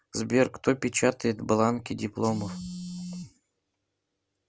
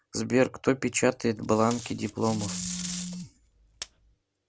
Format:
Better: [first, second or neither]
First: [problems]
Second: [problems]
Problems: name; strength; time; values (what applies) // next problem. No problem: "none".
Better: first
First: none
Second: background sound (Packing tape, duct tape); 12 dB below the speech